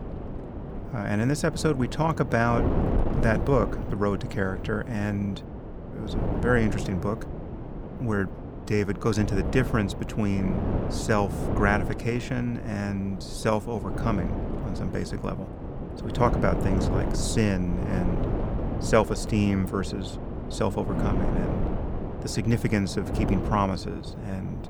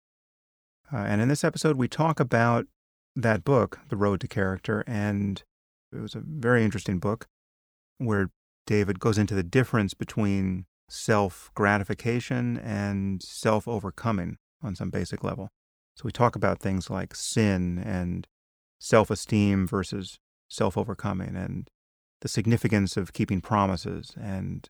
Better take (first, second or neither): second